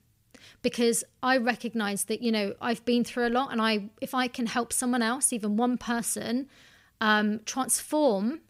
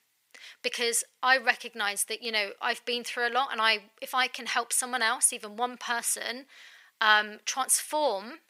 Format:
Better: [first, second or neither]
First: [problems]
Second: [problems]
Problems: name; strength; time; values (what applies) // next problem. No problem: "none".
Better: first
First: none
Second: thin; very; fading below 700 Hz